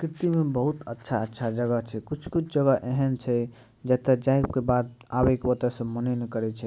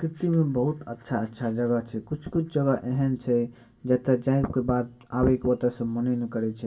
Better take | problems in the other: first | room echo; dies away in 0.1 s

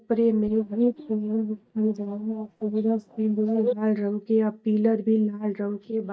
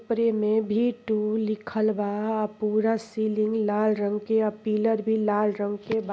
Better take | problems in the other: second | noise reduction (neural mask model DeepFilterNet 3)

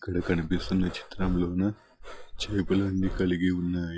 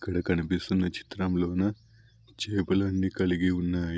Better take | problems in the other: second | noise reduction (classical method log-MMSE)

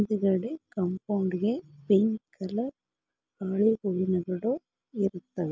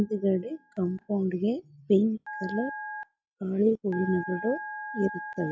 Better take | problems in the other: first | noise reduction (classical method log-MMSE)

